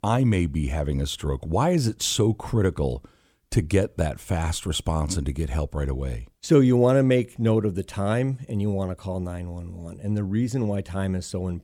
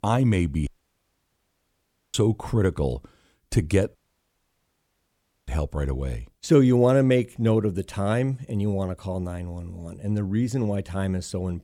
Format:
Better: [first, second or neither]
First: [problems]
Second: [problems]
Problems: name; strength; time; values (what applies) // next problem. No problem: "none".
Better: first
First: none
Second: audio cutting out; at 0.5 s for 1.5 s and at 4 s for 1.5 s